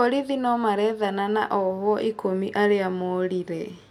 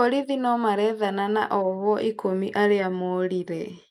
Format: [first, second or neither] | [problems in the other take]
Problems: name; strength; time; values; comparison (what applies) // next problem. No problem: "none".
first | noise reduction (neural mask model Resemble Enhance denoiser)